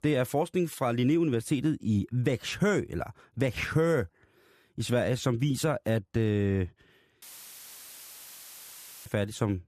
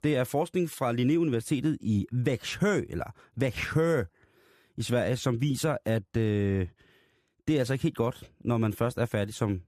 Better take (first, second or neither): second